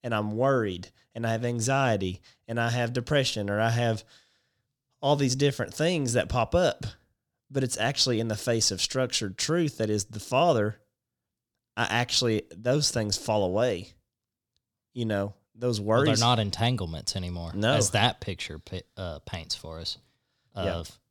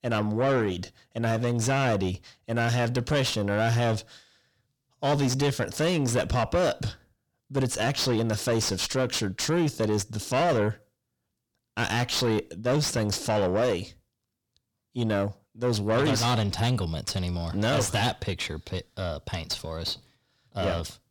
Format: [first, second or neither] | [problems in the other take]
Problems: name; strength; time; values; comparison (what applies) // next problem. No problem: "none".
first | distortion; heavy; 7 dB below the speech